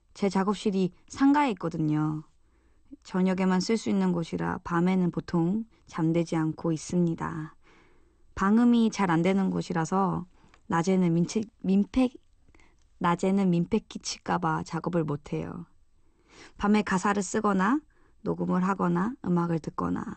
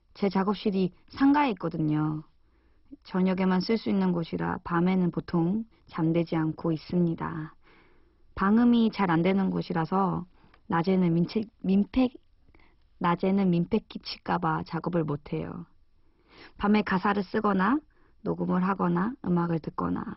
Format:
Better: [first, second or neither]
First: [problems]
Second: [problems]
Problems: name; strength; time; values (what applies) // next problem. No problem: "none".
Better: first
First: garbled, watery; slightly; nothing above 8 kHz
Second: garbled, watery; badly; nothing above 5.5 kHz